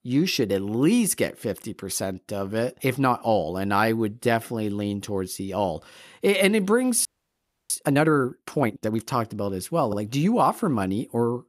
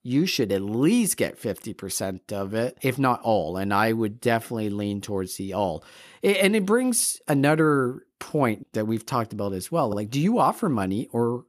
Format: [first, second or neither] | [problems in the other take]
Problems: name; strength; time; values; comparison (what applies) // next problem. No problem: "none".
second | audio freezing; at 7 s for 0.5 s